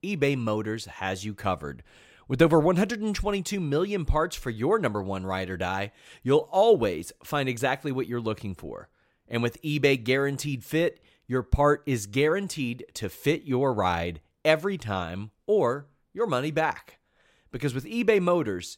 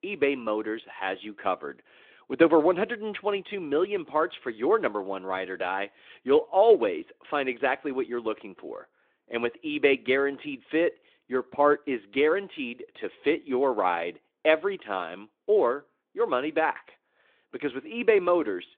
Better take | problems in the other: first | phone-call audio; nothing above 3.5 kHz

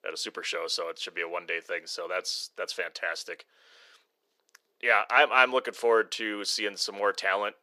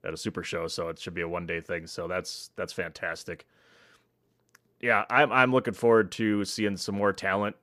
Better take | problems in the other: second | thin; very; fading below 450 Hz

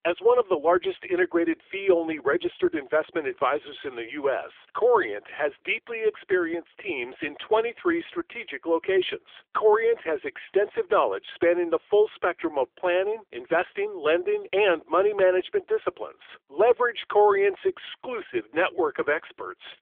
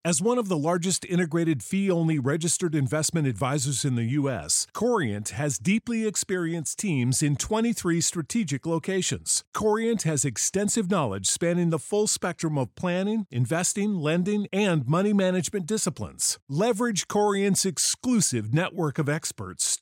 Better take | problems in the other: second | phone-call audio; poor line; nothing above 3.5 kHz

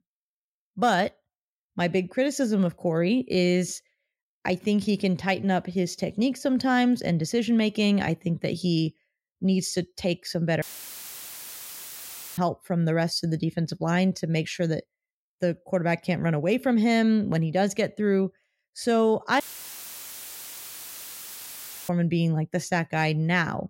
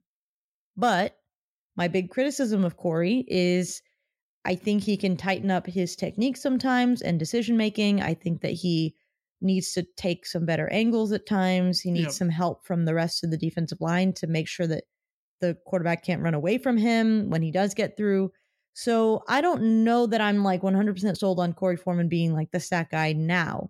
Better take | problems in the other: second | audio cutting out; filled with static; at 11 s for 2 s and at 19 s for 2.5 s

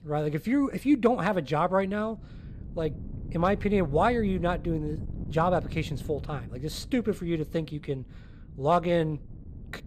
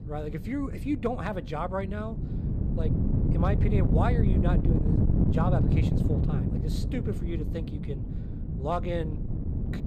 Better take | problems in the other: first | wind noise on the microphone; heavy; 3 dB below the speech; occasional gusts in the first

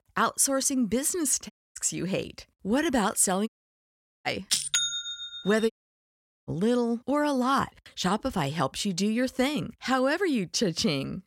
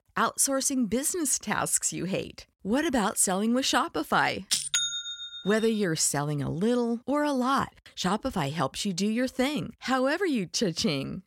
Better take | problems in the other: second | audio cutting out; at 1.5 s, at 3.5 s for 1 s and at 5.5 s for 1 s

